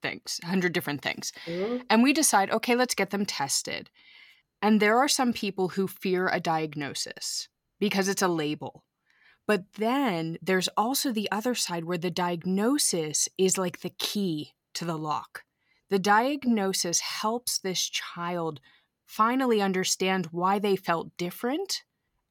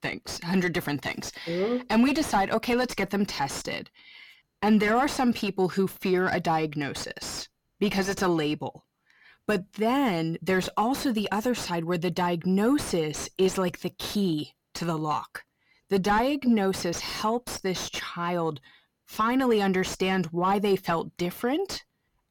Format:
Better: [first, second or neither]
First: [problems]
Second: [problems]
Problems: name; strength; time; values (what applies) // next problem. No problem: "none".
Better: first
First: none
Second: distortion; heavy; 8 dB below the speech